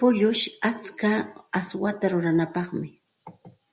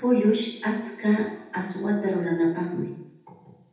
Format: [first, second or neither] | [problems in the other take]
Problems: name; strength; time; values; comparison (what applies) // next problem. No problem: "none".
first | room echo; dies away in 0.8 s